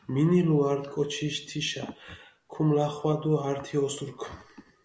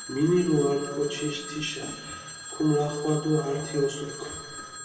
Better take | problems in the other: first | background sound (Telephone); 12 dB below the speech // room echo; dies away in 2.1 s

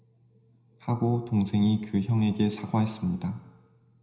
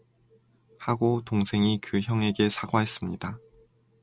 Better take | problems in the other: second | room echo; dies away in 0.8 s

